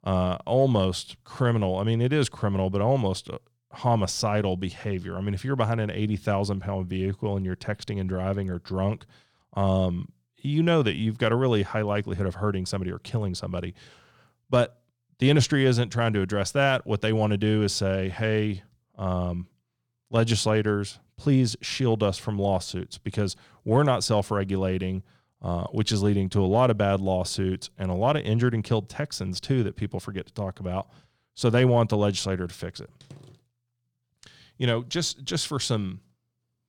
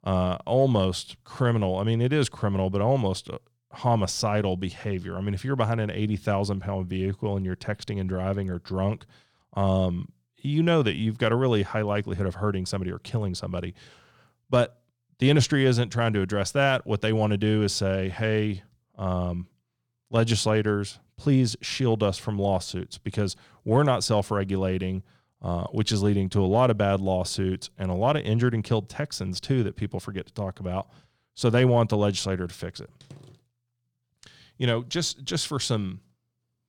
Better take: neither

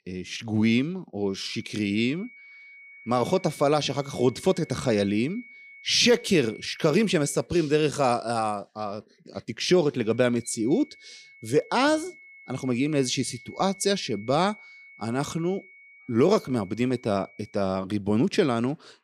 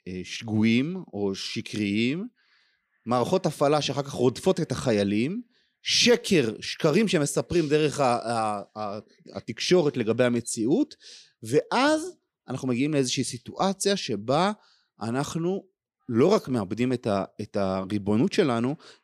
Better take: second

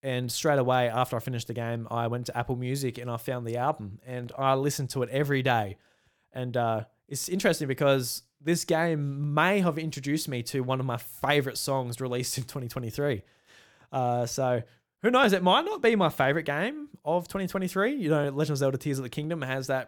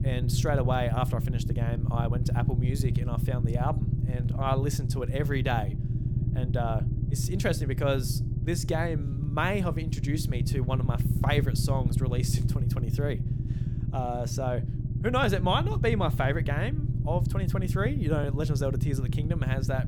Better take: first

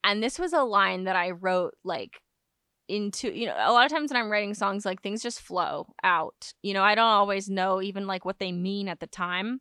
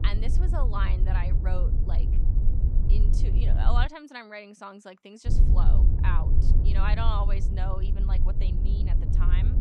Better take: first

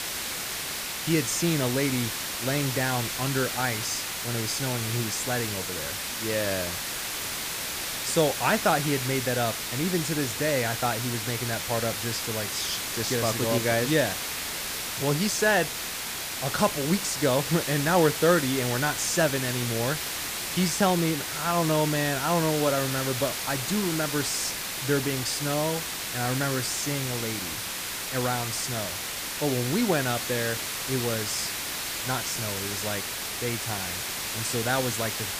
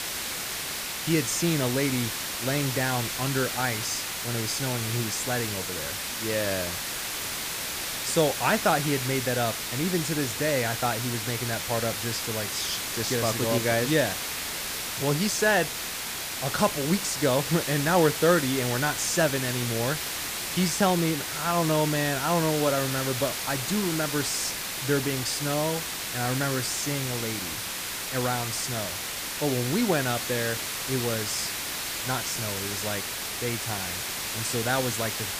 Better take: neither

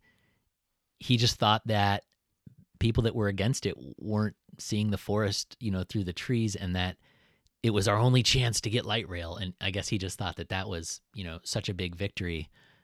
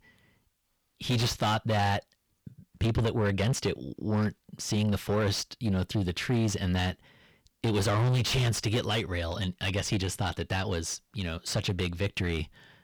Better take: first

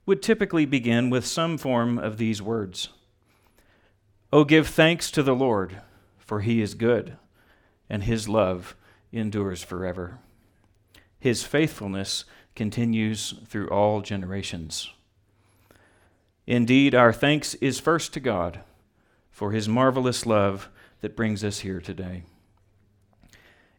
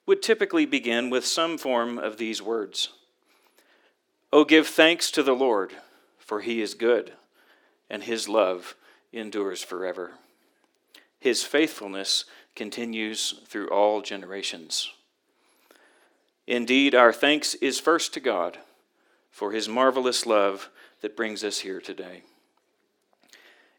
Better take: first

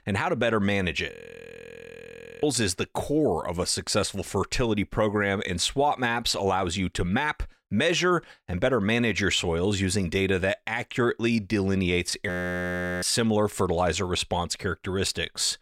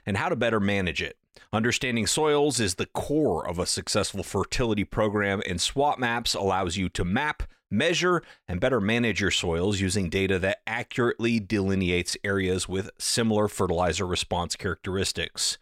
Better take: second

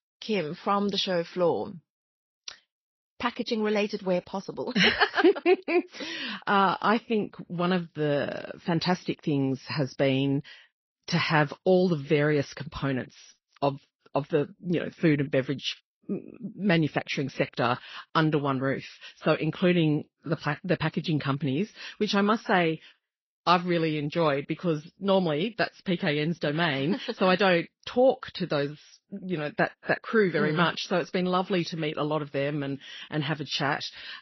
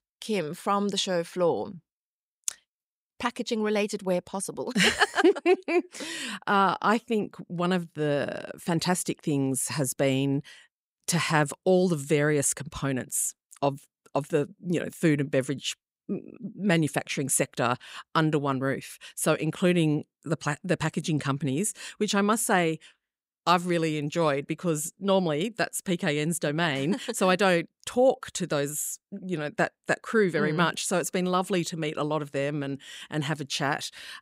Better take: second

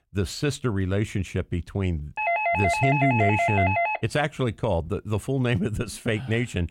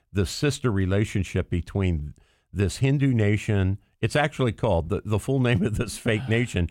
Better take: second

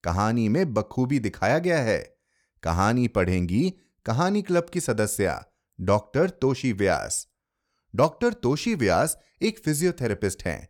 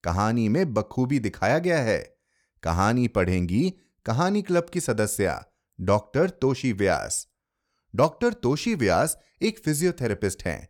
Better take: neither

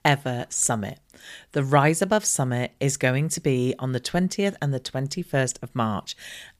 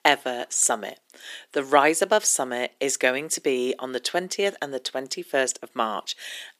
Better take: first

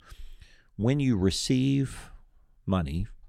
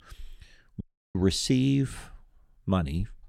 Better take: first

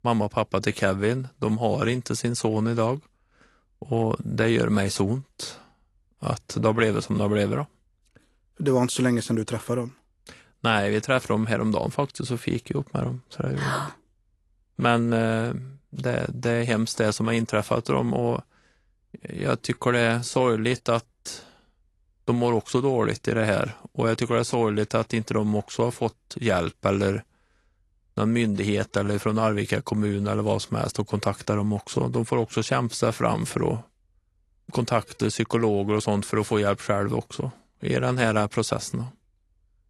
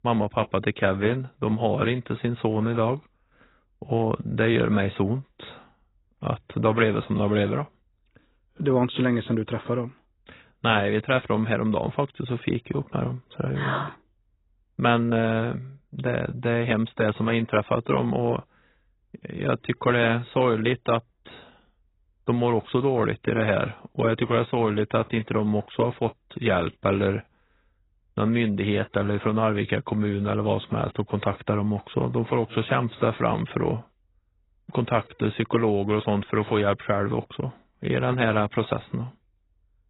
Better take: first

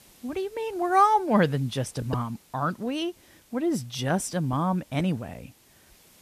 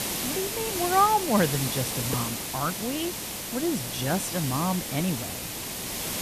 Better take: first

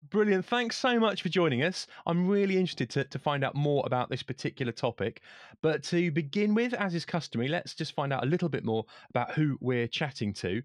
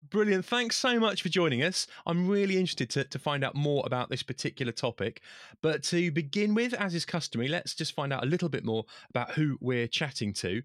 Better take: second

